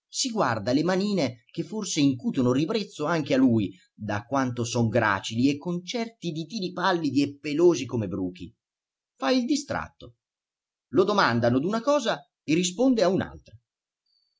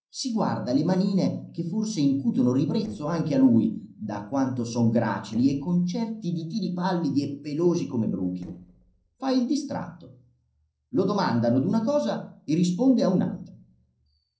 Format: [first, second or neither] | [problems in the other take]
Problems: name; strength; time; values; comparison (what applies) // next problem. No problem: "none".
first | noise reduction (neural separator model SepFormer DNS4)